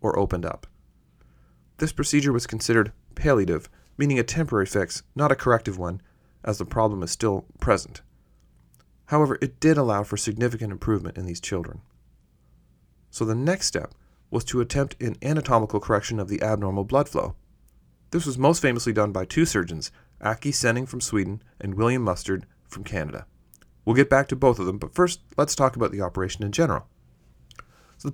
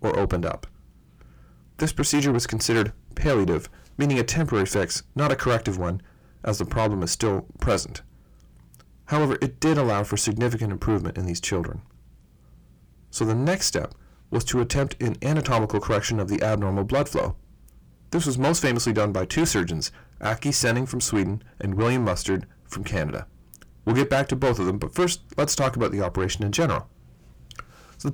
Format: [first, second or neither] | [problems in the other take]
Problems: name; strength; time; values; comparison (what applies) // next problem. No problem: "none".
first | distortion; heavy; 7 dB below the speech